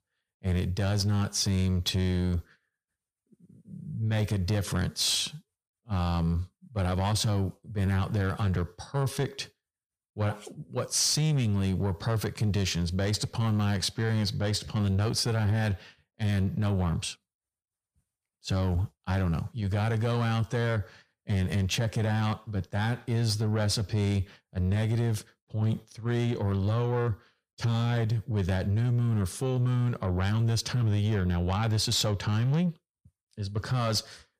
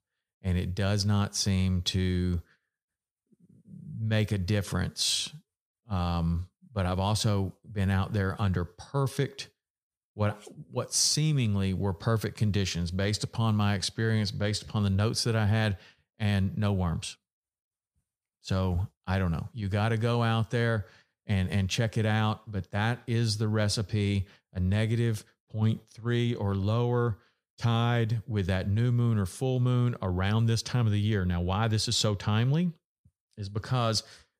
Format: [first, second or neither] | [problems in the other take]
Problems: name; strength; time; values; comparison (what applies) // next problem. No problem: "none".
second | distortion; slight; 10 dB below the speech